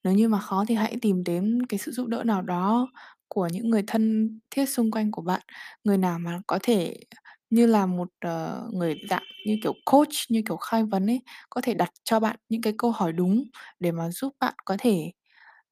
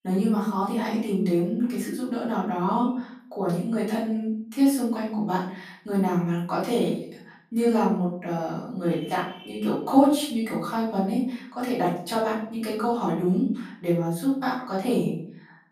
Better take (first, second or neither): first